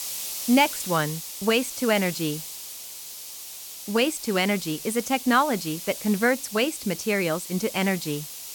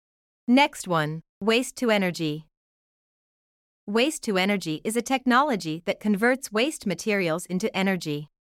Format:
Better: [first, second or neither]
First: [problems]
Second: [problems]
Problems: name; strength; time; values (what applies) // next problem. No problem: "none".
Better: second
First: hiss; loud; throughout; 9 dB below the speech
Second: none